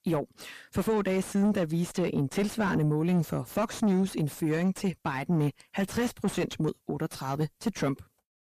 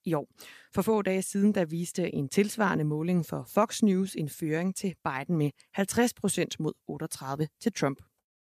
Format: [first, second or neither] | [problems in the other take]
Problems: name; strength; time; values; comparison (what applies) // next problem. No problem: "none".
second | distortion; heavy; 7 dB below the speech